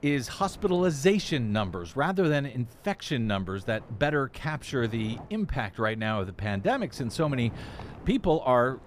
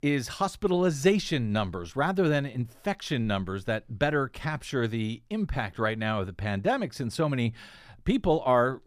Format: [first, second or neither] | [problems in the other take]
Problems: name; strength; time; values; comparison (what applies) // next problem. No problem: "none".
second | wind noise on the microphone; occasional gusts; 20 dB below the speech